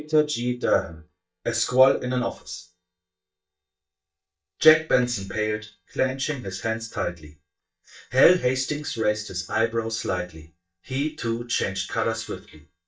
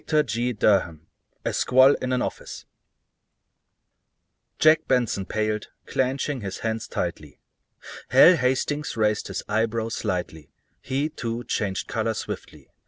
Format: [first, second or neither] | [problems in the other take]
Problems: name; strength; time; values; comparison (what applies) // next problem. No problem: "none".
second | noise reduction (neural mask model DeepFilterNet 3)